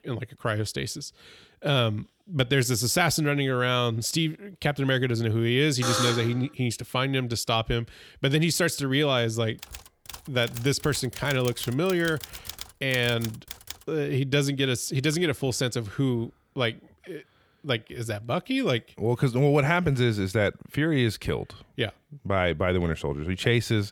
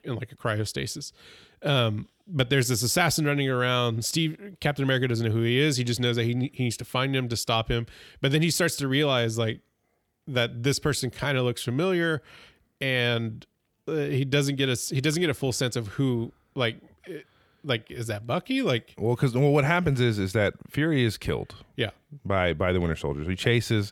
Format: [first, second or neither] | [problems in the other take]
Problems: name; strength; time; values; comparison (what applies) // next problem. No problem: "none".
second | alarm; loud; at 6 s; peak level with the speech // keyboard typing; faint; from 9.5 to 14 s; peak 10 dB below the speech